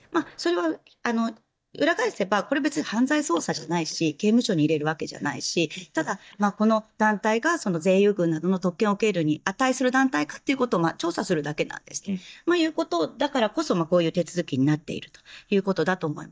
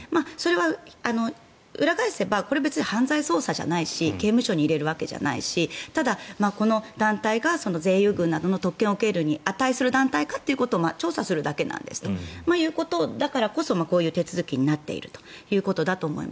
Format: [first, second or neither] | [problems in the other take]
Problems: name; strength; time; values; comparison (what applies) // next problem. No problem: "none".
second | noise reduction (neural mask model DeepFilterNet 3)